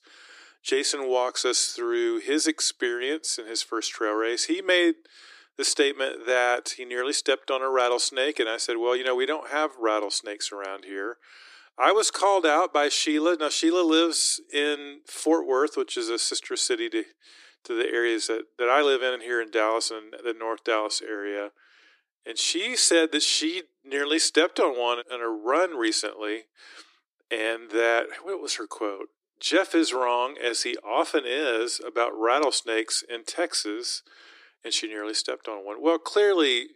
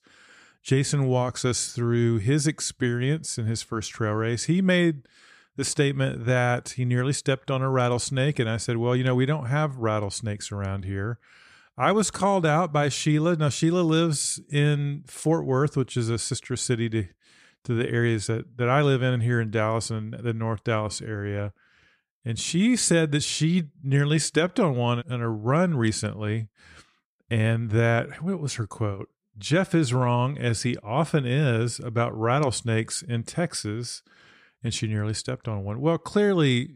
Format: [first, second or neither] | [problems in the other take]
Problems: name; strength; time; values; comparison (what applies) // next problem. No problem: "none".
second | thin; very; fading below 300 Hz